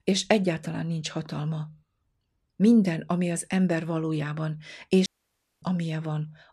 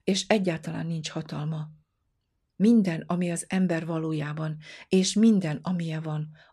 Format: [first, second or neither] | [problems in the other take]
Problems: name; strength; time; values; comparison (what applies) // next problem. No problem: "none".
second | audio cutting out; at 5 s for 0.5 s